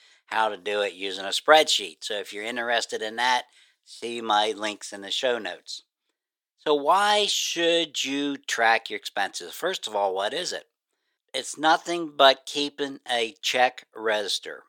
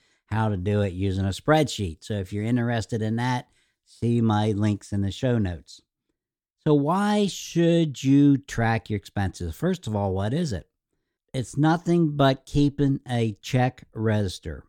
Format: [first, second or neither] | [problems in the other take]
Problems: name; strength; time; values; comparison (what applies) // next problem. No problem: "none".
second | thin; very; fading below 550 Hz